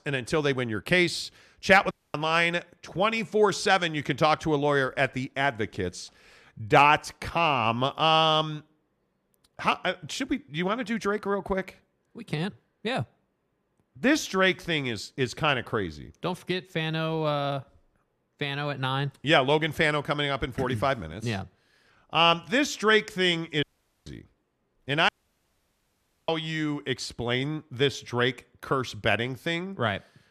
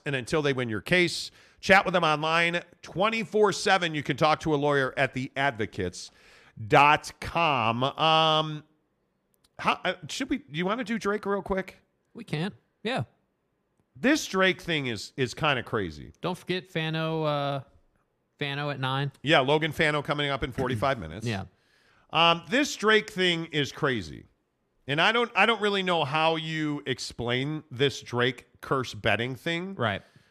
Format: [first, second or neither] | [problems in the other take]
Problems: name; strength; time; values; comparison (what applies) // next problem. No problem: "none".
second | audio cutting out; at 2 s, at 24 s and at 25 s for 1 s